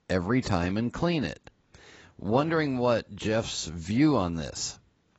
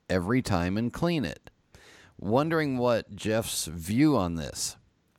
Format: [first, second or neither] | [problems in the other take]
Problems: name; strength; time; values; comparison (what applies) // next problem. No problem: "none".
second | garbled, watery; badly; nothing above 7.5 kHz